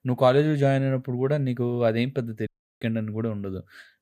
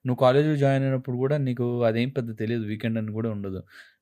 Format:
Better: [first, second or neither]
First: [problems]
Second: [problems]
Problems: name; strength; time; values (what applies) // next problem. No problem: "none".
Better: second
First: audio cutting out; at 2.5 s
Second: none